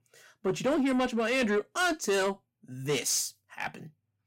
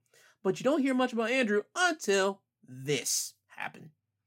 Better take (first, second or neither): second